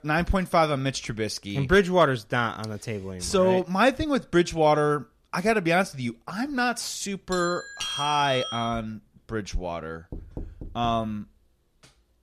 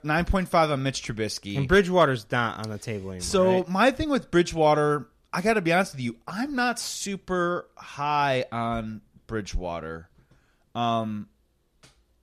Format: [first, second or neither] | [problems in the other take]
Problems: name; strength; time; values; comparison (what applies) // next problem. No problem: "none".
second | doorbell; noticeable; from 7.5 to 9 s; peak 3 dB below the speech // door banging; faint; at 10 s; peak 15 dB below the speech